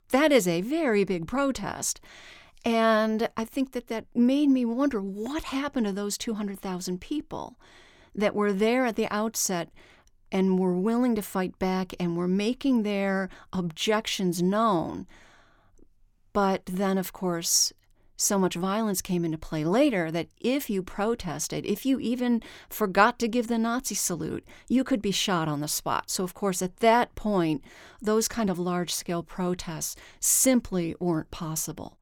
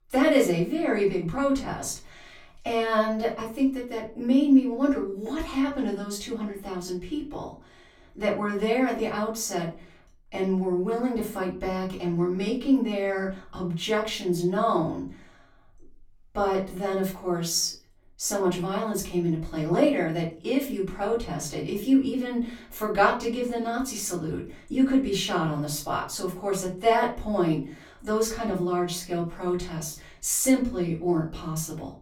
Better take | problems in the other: first | off-mic speech; far // room echo; slight; dies away in 0.3 s

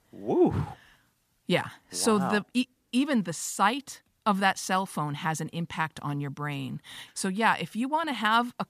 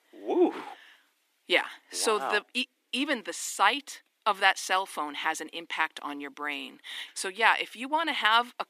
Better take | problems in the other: first | thin; somewhat; fading below 300 Hz

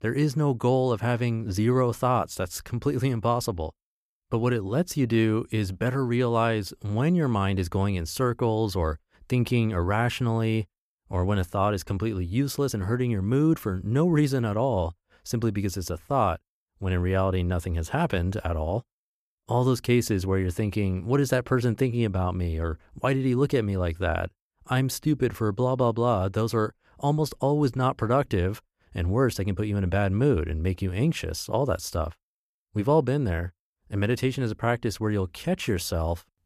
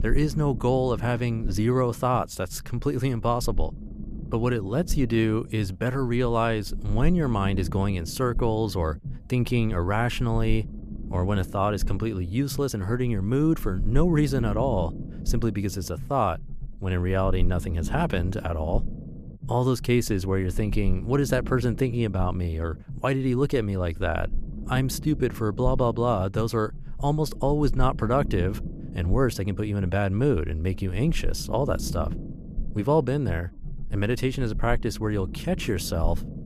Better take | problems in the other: first | low rumble; noticeable; throughout; 20 dB below the speech

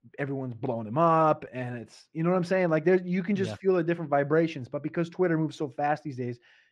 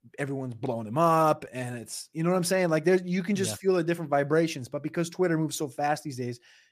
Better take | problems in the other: second | muffled; slightly; fading above 2.5 kHz

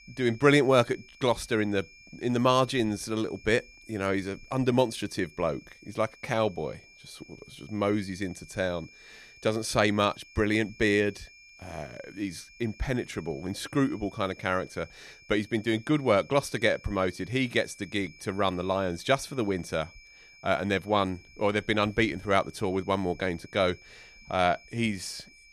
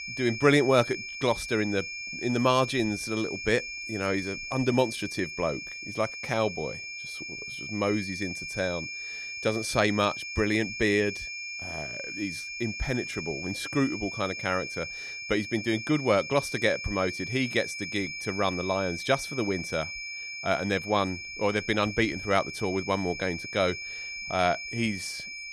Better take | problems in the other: first | high-pitched whine; loud; throughout; 2.5 kHz, 7 dB below the speech; faint in the first

